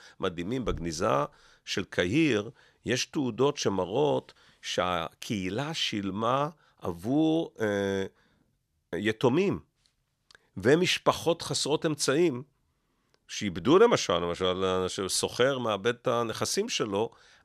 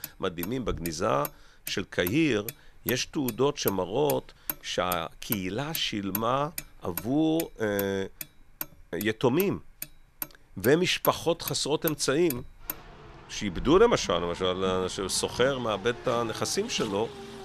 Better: first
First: none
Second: traffic noise; noticeable; throughout; 10 dB below the speech

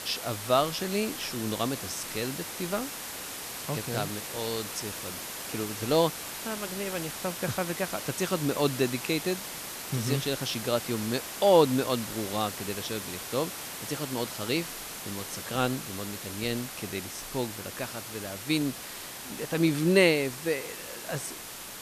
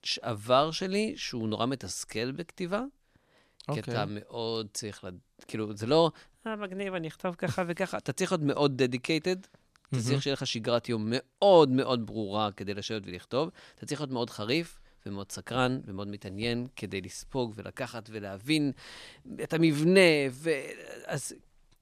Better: second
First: hiss; loud; throughout; 7 dB below the speech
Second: none

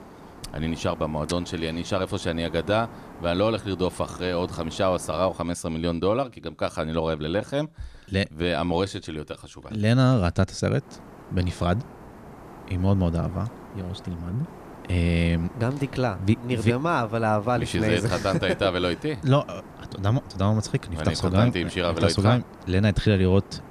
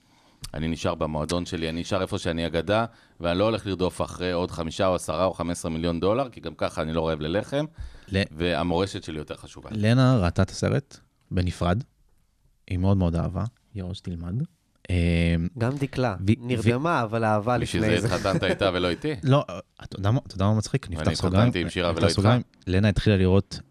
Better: second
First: hiss; noticeable; until 5.5 s and from 11 s on; 20 dB below the speech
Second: none

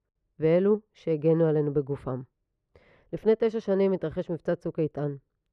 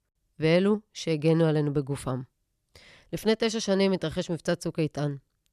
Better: second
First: muffled; very; fading above 3 kHz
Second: none

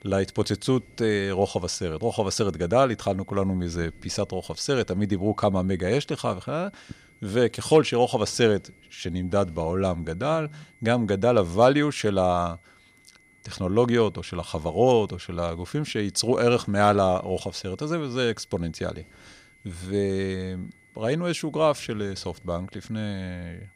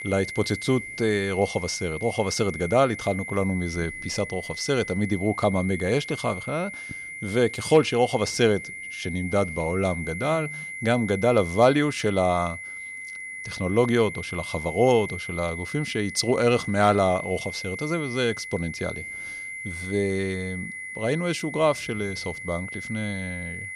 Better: first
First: high-pitched whine; faint; throughout; 2 kHz, 30 dB below the speech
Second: high-pitched whine; loud; throughout; 2 kHz, 9 dB below the speech

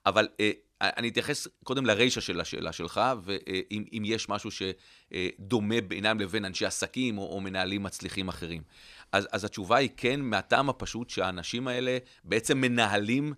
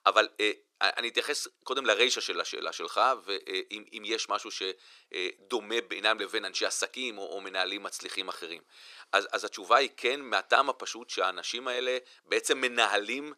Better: first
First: none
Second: thin; very; fading below 400 Hz

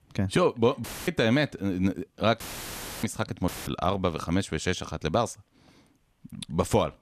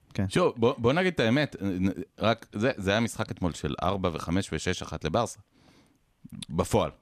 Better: second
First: audio cutting out; filled with static; at 1 s, at 2.5 s for 0.5 s and at 3.5 s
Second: none

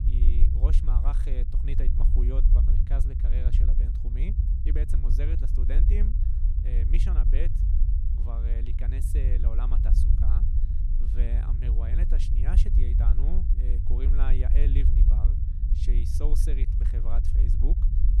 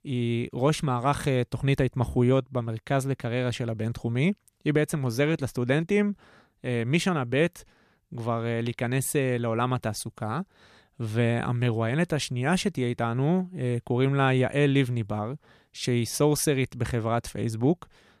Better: second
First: low rumble; loud; throughout; 1 dB below the speech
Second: none

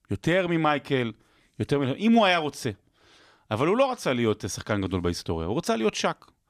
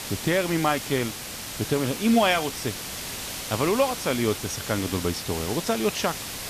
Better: first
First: none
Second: hiss; loud; throughout; 7 dB below the speech

